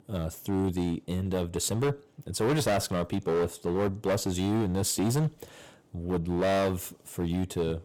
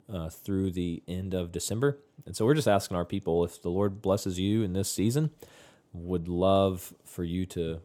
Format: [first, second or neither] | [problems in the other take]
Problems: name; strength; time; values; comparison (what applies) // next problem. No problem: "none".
second | distortion; heavy; 13% of the sound clipped